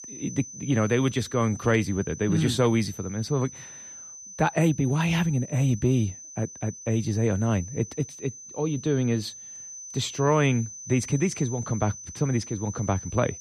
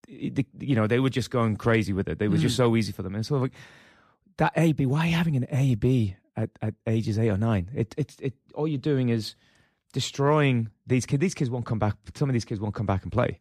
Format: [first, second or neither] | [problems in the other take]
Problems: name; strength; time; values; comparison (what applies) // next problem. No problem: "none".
second | high-pitched whine; noticeable; throughout; 6 kHz, 15 dB below the speech